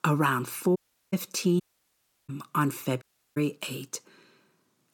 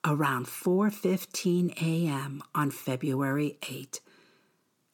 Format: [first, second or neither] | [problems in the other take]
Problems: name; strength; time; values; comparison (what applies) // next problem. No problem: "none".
second | audio cutting out; at 1 s, at 1.5 s for 0.5 s and at 3 s